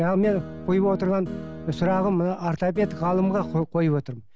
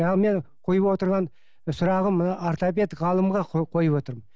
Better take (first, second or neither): second